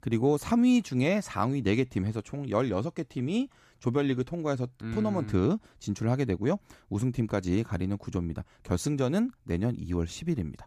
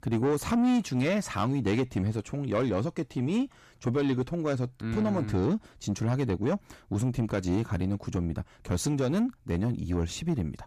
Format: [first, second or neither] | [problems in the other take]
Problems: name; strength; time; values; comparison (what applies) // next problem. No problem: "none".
first | distortion; slight; 10 dB below the speech